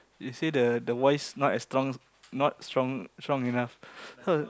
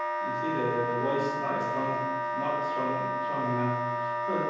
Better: first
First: none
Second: background sound (Wind instrument, woodwind instrument); 2 dB above the speech // room echo; dies away in 1.3 s

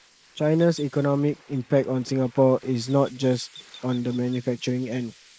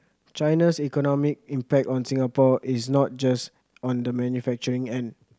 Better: second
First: noise reduction (neural mask model Resemble Enhance denoiser)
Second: none

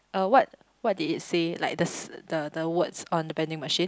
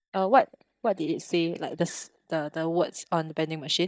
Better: first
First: none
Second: noise reduction (neural mask model DeepFilterNet 3)

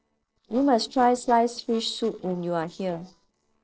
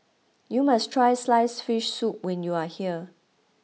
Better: second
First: noise reduction (neural separator model SepFormer DNS4)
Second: none

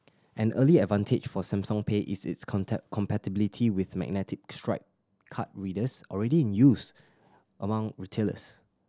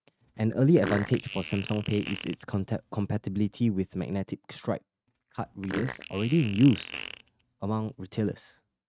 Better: first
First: none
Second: noise reduction (neural mask model RNNoise)

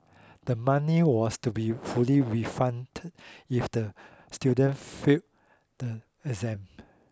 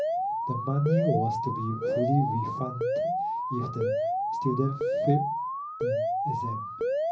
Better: first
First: none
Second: background sound (Alarm); 2 dB above the speech // room echo; dies away in 0.5 s

